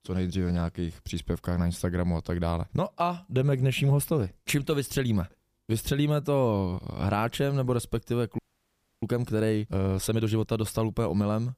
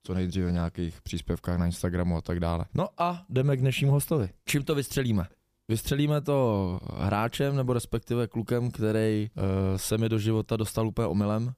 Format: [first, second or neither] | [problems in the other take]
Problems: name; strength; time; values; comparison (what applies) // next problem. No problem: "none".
second | audio freezing; at 8.5 s for 0.5 s